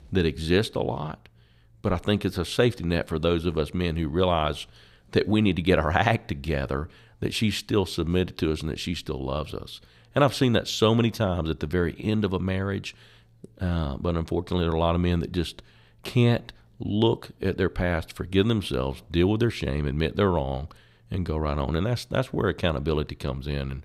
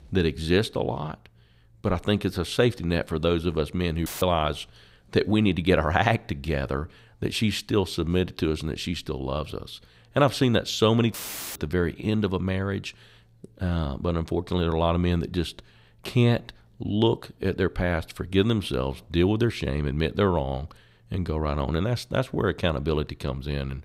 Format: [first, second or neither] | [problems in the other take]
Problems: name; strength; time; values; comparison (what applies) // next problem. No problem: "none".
first | audio cutting out; filled with static; at 4 s and at 11 s